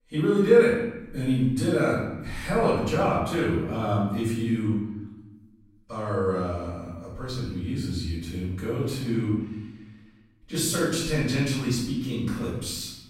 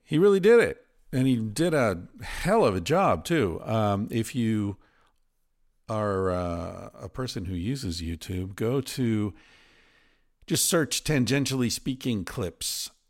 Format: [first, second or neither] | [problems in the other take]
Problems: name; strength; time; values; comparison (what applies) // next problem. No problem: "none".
second | off-mic speech; far // room echo; noticeable; dies away in 1 s